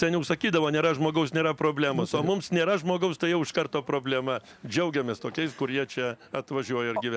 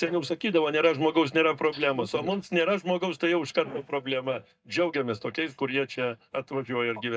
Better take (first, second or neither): first